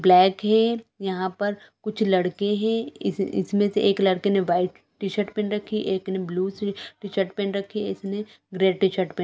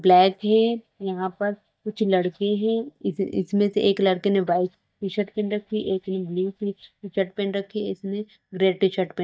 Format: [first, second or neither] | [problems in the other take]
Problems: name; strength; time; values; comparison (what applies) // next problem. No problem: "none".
first | noise reduction (neural mask model DeepFilterNet 3)